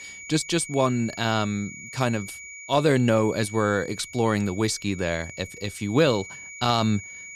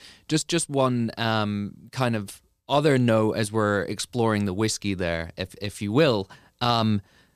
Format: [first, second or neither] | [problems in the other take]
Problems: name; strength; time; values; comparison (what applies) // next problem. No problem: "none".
second | high-pitched whine; noticeable; throughout; 2.5 kHz, 15 dB below the speech